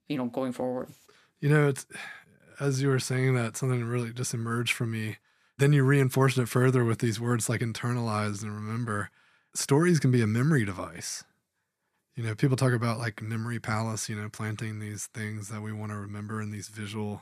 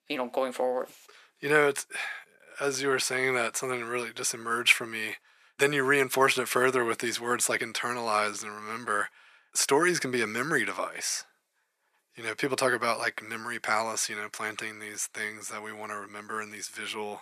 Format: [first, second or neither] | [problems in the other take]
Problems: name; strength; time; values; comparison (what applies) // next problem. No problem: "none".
first | thin; very; fading below 550 Hz